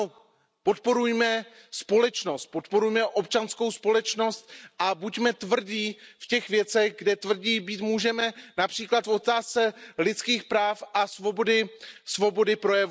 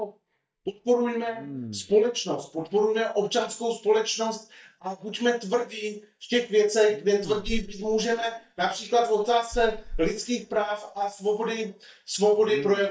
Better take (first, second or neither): first